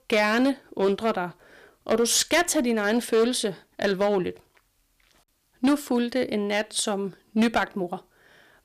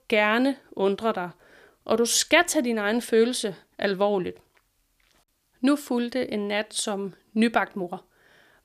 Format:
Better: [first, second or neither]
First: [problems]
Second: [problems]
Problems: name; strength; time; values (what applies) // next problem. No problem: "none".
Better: second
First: distortion; slight; 5% of the sound clipped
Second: none